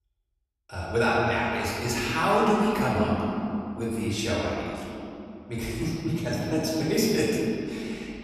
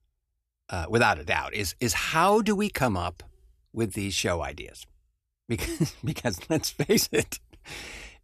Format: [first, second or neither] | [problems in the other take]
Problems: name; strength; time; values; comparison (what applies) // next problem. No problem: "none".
second | room echo; strong; dies away in 3 s // off-mic speech; far